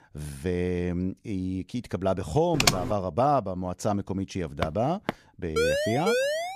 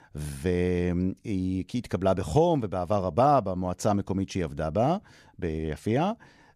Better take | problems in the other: second | keyboard typing; loud; at 2.5 s; peak 5 dB above the speech // footsteps; noticeable; at 4.5 s; peak 6 dB below the speech // siren; loud; at 5.5 s; peak 3 dB above the speech

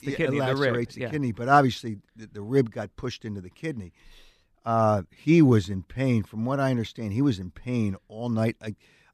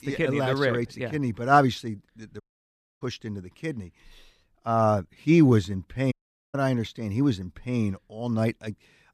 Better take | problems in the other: first | audio cutting out; at 2.5 s for 0.5 s and at 6 s

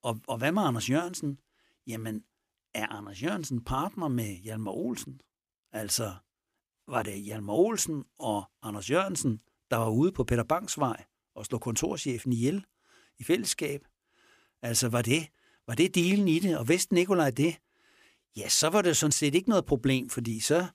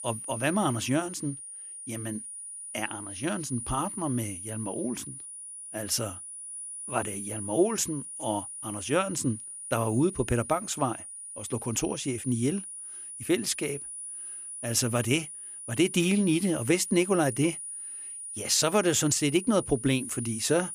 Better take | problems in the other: first | high-pitched whine; loud; throughout; 9.5 kHz, 9 dB below the speech

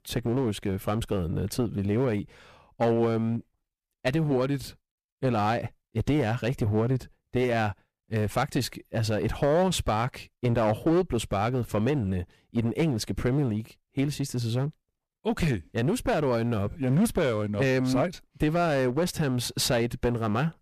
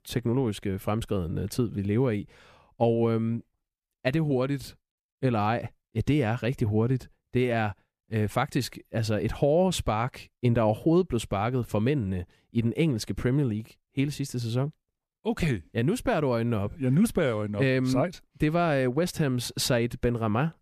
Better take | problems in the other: second | distortion; slight; 9% of the sound clipped

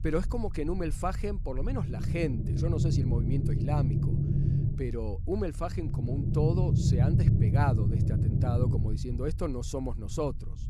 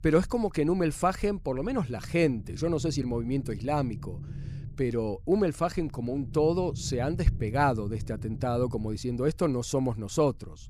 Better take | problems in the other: second | low rumble; loud; throughout; 3 dB below the speech; faint in the second

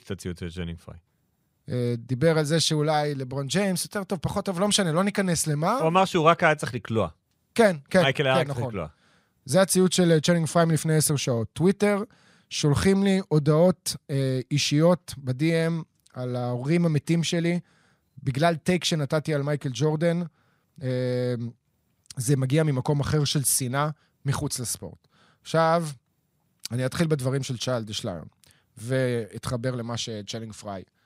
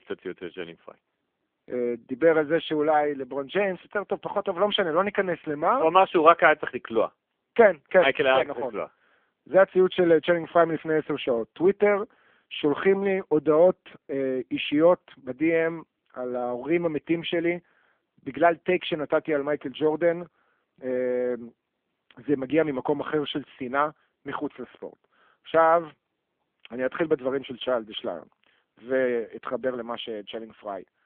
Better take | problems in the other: first | phone-call audio; poor line; nothing above 3.5 kHz

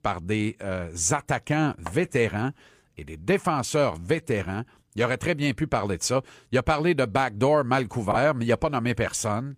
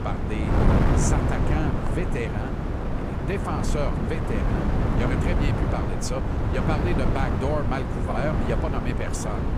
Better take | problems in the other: first | wind noise on the microphone; heavy; 1 dB above the speech

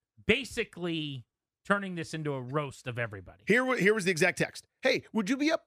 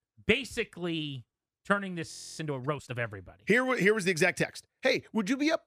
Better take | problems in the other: first | audio freezing; at 2 s

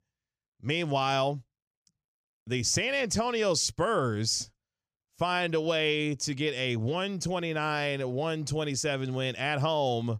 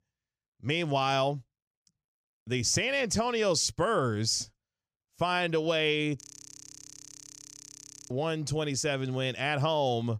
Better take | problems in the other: first | audio freezing; at 6 s for 2 s

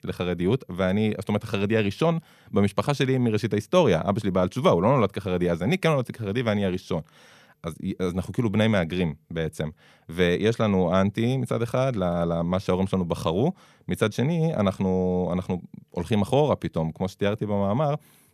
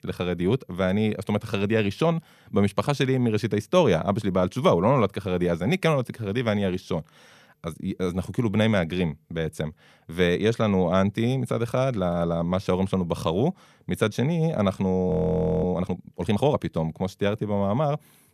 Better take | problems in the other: first | audio freezing; at 15 s for 0.5 s

